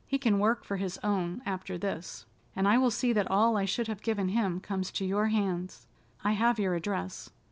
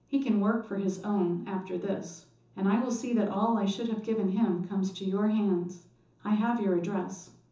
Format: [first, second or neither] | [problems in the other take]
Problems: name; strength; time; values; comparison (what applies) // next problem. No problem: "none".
first | room echo; dies away in 0.7 s